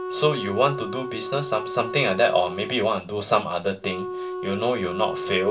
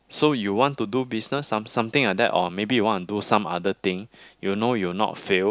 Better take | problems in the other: second | background sound (Wind instrument, woodwind instrument); 8 dB below the speech // room echo; dies away in 0.2 s

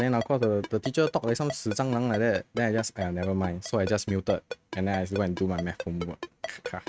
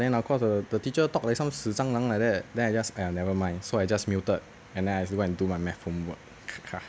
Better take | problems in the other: second | noise reduction (neural mask model RNNoise)

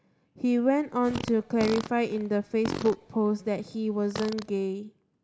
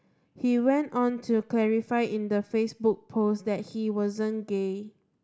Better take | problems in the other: second | background sound (Fart); 12 dB below the speech

